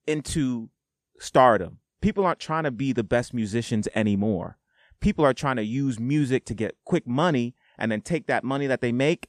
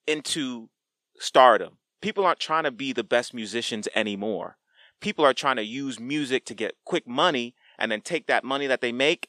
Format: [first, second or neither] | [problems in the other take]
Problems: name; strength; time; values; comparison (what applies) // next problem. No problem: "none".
first | thin; somewhat; fading below 350 Hz